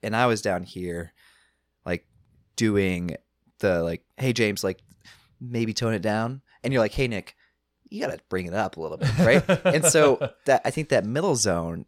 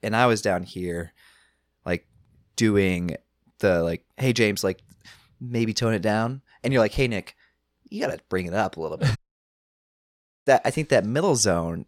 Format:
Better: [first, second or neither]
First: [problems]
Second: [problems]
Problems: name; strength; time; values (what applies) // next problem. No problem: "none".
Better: first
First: none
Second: audio cutting out; at 9 s for 1.5 s